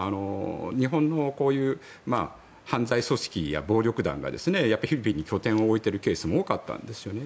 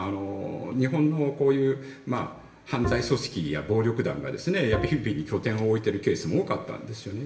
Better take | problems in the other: first | background sound (Bowed string instrument); 8 dB below the speech // room echo; dies away in 0.7 s

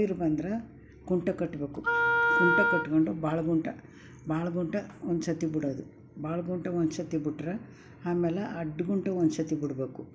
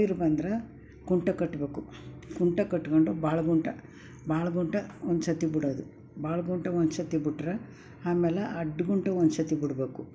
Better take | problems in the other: second | background sound (Wind instrument, woodwind instrument); 3 dB above the speech

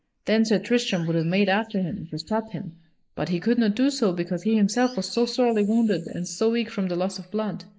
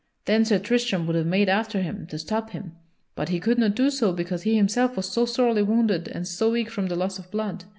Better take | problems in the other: second | noise reduction (neural mask model Resemble Enhance denoiser)

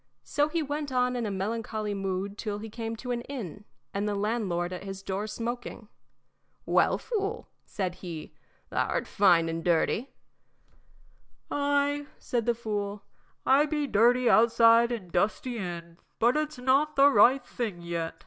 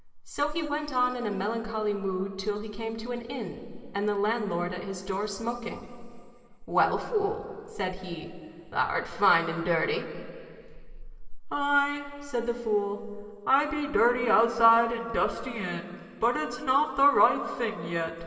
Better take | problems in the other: first | room echo; dies away in 2.6 s

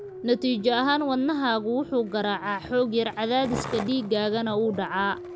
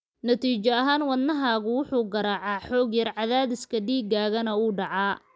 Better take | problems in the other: second | background sound (Skateboard + Dog); 14 dB below the speech

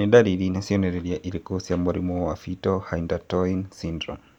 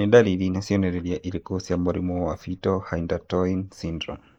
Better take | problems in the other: first | noise reduction (neural mask model Resemble Enhance denoiser)

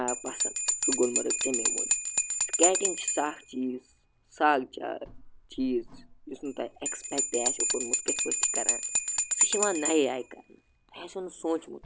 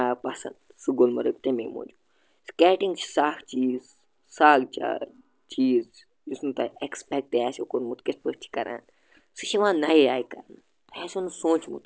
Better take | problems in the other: second | background sound (Bell); 2 dB above the speech

